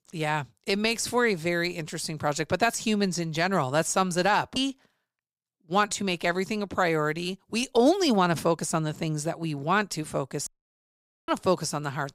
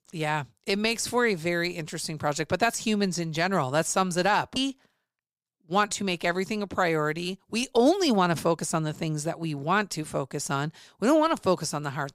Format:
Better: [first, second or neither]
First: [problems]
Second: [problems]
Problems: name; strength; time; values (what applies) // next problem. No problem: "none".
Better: second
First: audio cutting out; at 10 s for 1 s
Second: none